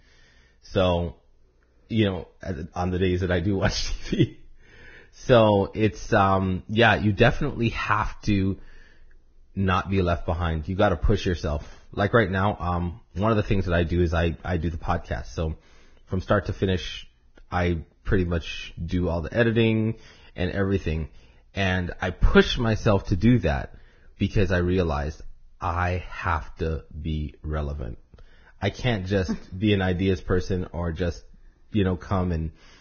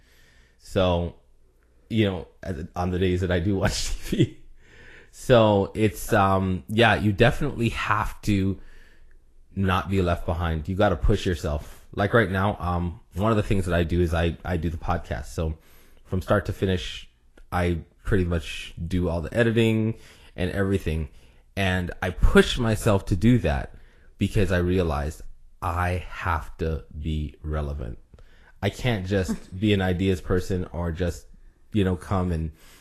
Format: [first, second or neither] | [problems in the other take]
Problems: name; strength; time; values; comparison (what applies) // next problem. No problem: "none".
second | garbled, watery; badly; nothing above 6.5 kHz; slightly in the second